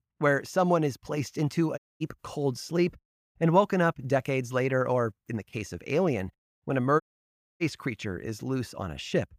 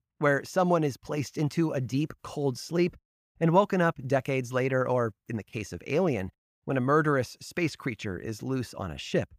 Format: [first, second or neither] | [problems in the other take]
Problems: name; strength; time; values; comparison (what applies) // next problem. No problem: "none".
second | audio cutting out; at 2 s and at 7 s for 0.5 s